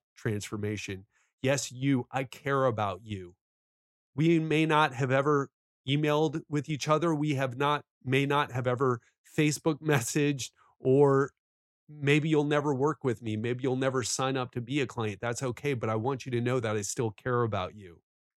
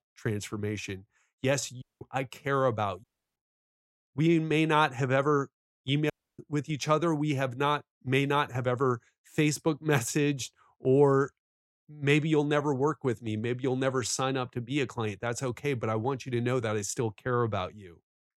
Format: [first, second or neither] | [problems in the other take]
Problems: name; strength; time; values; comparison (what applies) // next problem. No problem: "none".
first | audio cutting out; at 2 s, at 3 s and at 6 s